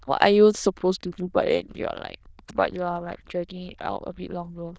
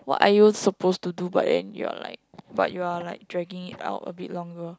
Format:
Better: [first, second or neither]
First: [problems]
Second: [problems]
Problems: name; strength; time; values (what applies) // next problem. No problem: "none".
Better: second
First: noise reduction (neural diffusion model UNIVERSE++)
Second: none